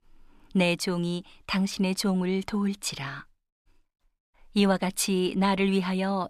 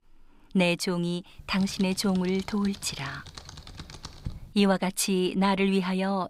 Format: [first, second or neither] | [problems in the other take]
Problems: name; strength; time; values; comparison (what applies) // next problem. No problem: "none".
first | keyboard typing; faint; from 1.5 to 4.5 s; peak 15 dB below the speech